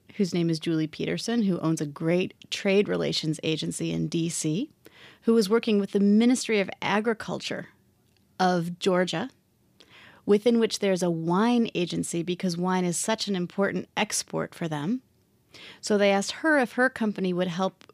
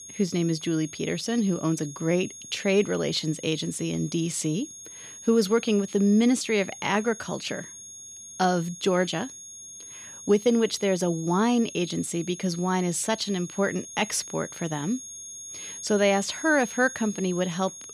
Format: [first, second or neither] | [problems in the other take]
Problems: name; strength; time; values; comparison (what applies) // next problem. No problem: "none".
first | high-pitched whine; noticeable; throughout; 6.5 kHz, 15 dB below the speech